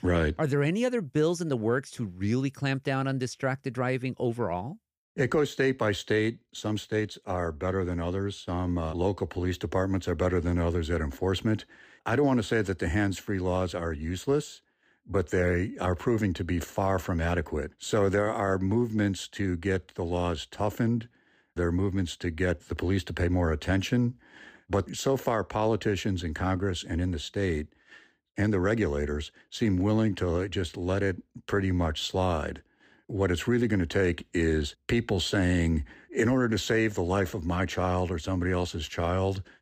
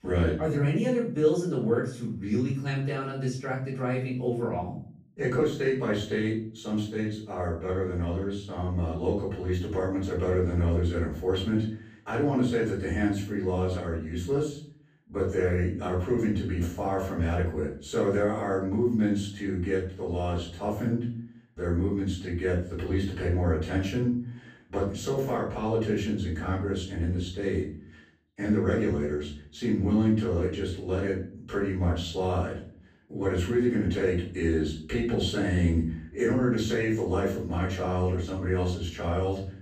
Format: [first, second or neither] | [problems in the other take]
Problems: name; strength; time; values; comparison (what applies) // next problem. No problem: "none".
first | off-mic speech; far // room echo; noticeable; dies away in 0.5 s